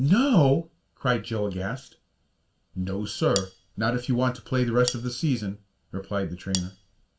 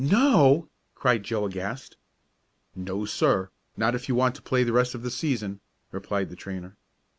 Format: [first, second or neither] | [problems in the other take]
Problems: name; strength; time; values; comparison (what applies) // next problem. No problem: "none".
second | background sound (Cutlery, silverware); 9 dB below the speech // room echo; dies away in 0.2 s